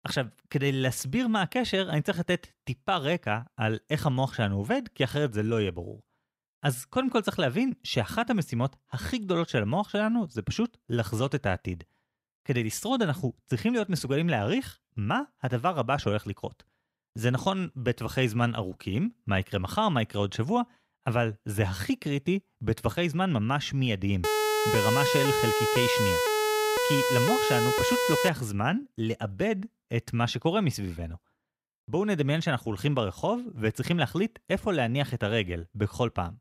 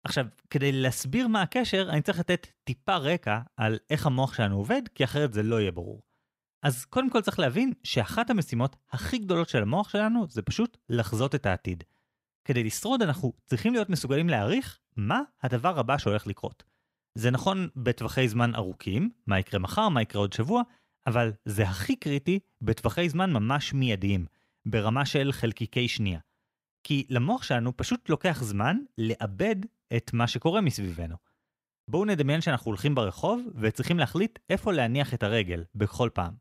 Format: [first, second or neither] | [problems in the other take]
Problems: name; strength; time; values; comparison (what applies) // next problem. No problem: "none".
second | siren; loud; from 24 to 28 s; peak 4 dB above the speech